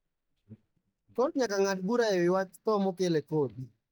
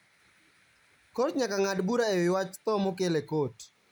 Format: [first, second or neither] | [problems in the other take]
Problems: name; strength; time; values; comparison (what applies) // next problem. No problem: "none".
second | noise reduction (neural mask model DeepFilterNet 3)